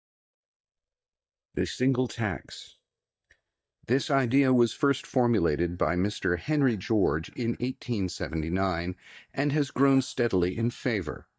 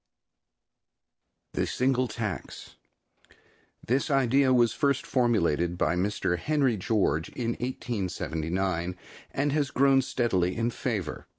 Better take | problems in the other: second | noise reduction (neural mask model DeepFilterNet 3)

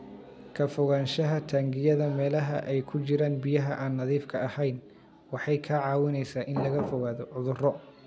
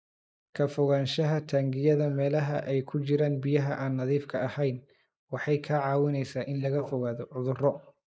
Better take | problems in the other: first | noise reduction (neural mask model Resemble Enhance denoiser)

